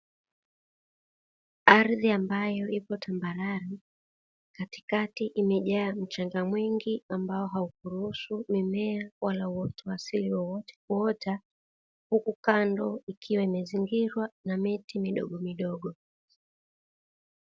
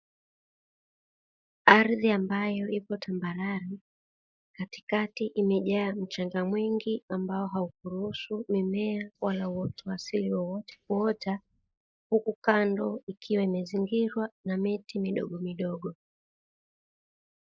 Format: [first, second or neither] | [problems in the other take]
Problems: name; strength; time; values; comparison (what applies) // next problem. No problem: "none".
first | noise reduction (neural mask model Resemble Enhance denoiser)